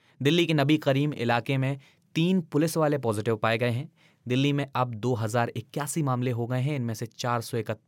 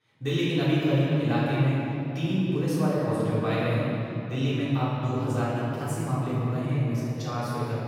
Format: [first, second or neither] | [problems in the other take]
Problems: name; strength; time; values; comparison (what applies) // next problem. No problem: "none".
first | off-mic speech; far // room echo; strong; dies away in 3 s